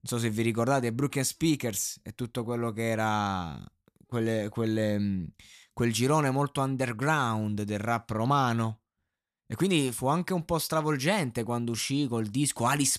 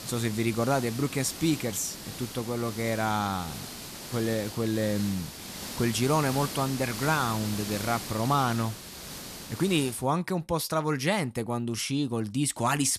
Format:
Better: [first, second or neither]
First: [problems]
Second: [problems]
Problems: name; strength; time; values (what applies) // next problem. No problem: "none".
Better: first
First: none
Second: hiss; loud; until 10 s; 9 dB below the speech